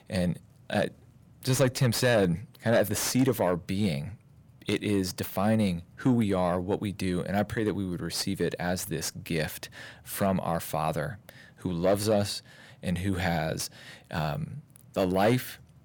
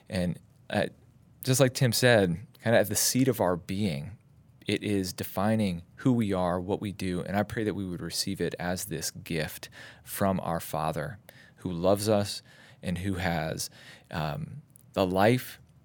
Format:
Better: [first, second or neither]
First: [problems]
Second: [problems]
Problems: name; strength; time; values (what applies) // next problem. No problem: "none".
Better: second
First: distortion; slight; 10 dB below the speech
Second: none